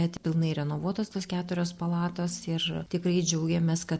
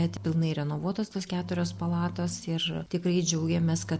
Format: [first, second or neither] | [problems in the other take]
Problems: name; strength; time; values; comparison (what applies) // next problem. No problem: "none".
first | background sound (Engine); 15 dB below the speech